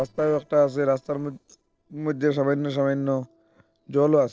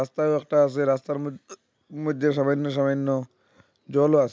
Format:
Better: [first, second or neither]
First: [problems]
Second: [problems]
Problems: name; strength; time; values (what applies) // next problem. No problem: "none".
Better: second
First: noise reduction (neural separator model SepFormer DNS4)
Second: none